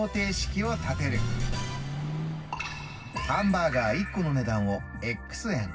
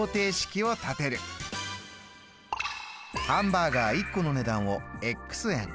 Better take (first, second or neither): second